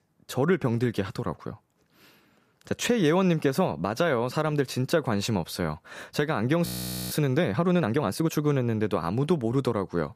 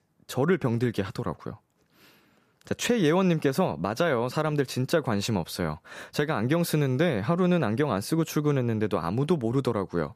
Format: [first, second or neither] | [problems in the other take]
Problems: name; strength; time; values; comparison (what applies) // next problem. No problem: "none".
second | audio freezing; at 6.5 s